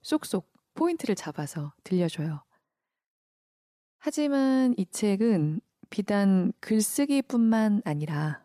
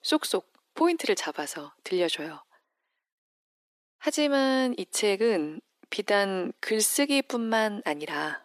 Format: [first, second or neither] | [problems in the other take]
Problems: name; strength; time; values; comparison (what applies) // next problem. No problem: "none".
first | thin; somewhat; fading below 350 Hz